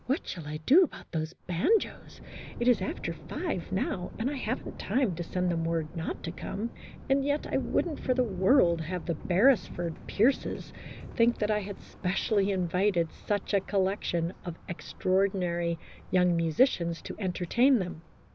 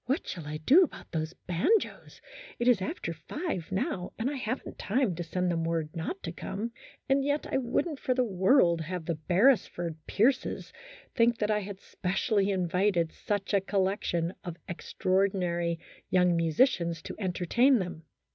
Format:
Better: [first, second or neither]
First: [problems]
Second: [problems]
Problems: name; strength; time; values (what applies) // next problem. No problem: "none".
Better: second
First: background sound (Thunder); 15 dB below the speech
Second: none